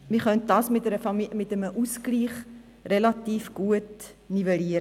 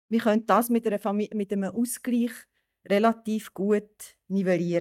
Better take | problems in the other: first | noise reduction (neural mask model DeepFilterNet 3)

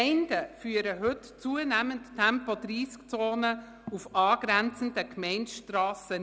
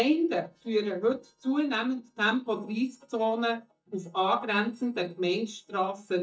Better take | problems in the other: first | noise reduction (neural mask model DeepFilterNet 3)

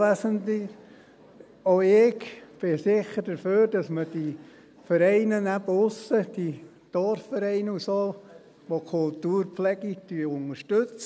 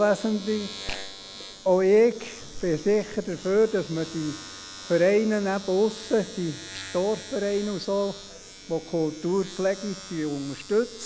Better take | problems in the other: first | background sound (Domestic sounds, home sounds); 15 dB below the speech

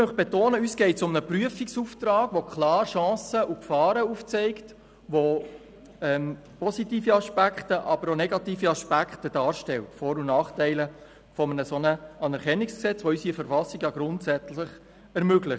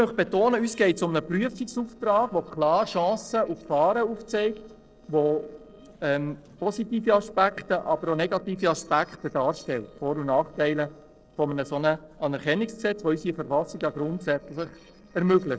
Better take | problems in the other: first | noise reduction (neural separator model SepFormer DNS4)

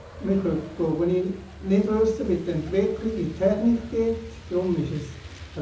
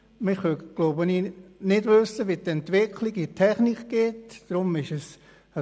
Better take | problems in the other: second | background sound (Truck); 15 dB below the speech // room echo; dies away in 0.6 s

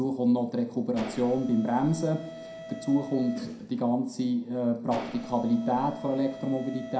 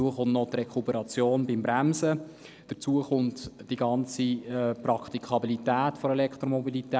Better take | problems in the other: second | background sound (Mechanisms); 15 dB below the speech // room echo; dies away in 0.4 s

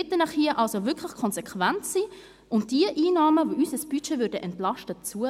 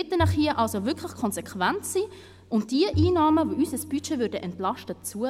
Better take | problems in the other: first | background sound (Bowed string instrument); 8 dB below the speech

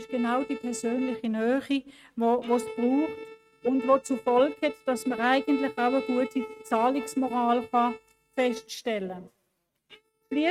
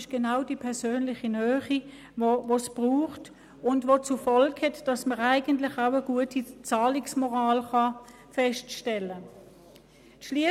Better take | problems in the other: second | noise reduction (neural mask model RNNoise)

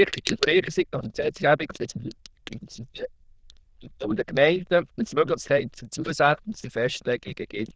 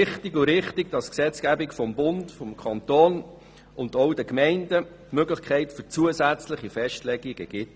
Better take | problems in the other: second | noise reduction (neural diffusion model UNIVERSE++)

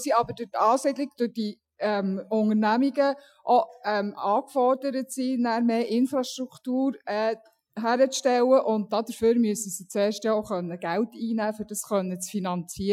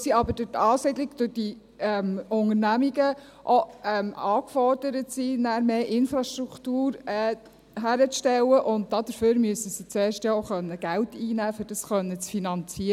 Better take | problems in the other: second | noise reduction (classical method Wiener filter)

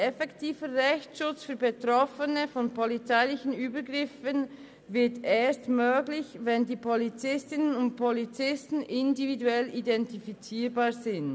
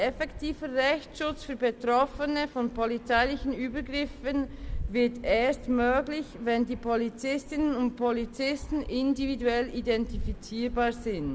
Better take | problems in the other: first | background sound (Fixed-wing aircraft, airplane); 12 dB below the speech

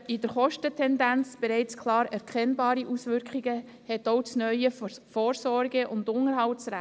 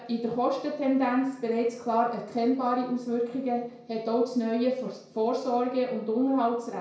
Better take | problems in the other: first | room echo; dies away in 0.5 s

